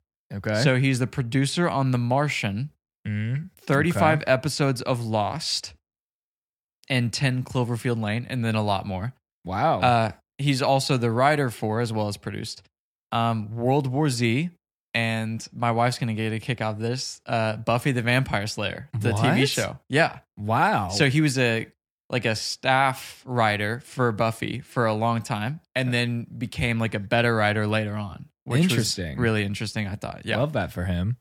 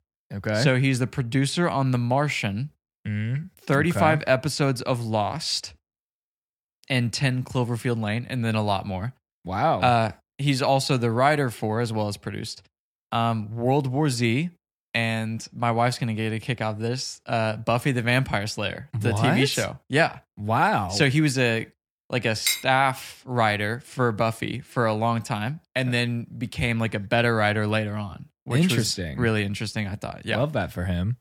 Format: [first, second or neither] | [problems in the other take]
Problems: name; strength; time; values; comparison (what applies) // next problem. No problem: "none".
first | clattering dishes; noticeable; at 22 s; peak 1 dB below the speech